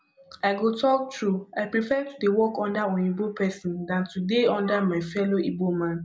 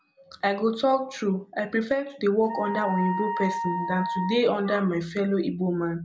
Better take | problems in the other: first | background sound (Wind instrument, woodwind instrument); 7 dB below the speech

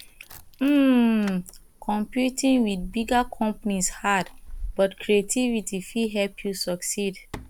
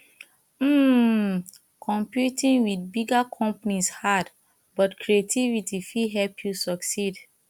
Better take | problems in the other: second | background sound (Keys jangling); 16 dB below the speech

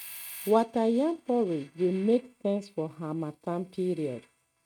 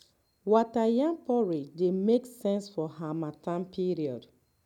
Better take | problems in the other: second | noise reduction (neural mask model RNNoise)

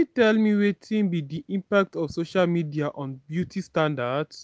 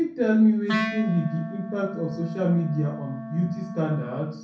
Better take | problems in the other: first | background sound (Wind instrument, woodwind instrument); 10 dB below the speech // room echo; dies away in 0.6 s

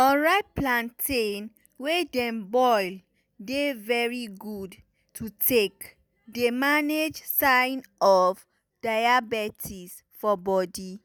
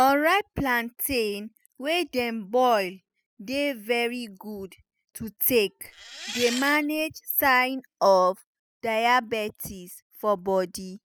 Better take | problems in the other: first | noise reduction (classical method spectral subtraction)

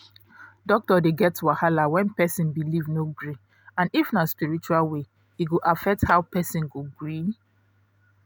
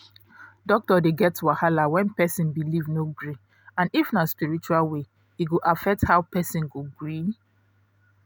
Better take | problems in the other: second | background sound (Tap / Hammer); 20 dB below the speech

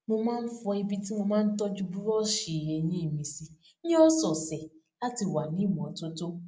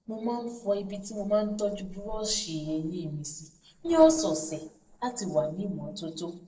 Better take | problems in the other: first | noise reduction (neural separator model SepFormer DNS4)

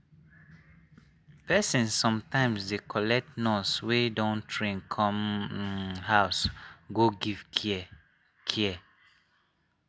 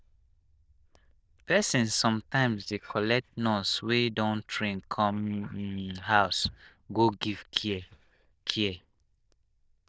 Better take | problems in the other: first | noise reduction (neural diffusion model UNIVERSE++)

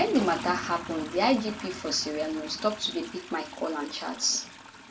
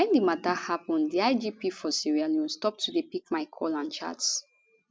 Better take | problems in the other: second | background sound (Toilet flush); 12 dB below the speech // room echo; dies away in 0.2 s

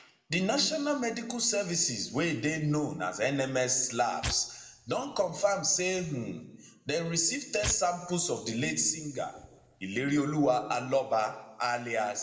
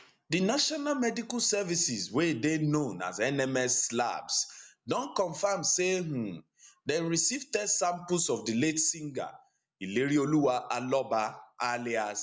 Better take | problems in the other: second | background sound (Tearing); 14 dB below the speech // room echo; dies away in 1 s

